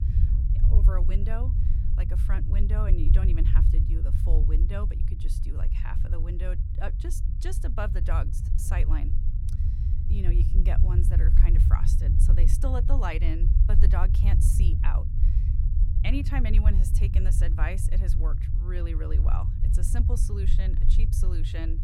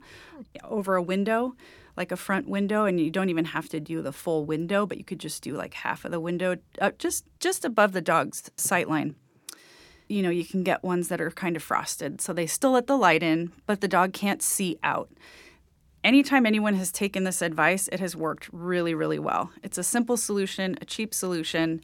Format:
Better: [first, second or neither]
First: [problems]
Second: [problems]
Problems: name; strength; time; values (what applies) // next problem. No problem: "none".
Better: second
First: low rumble; loud; throughout; 4 dB below the speech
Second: none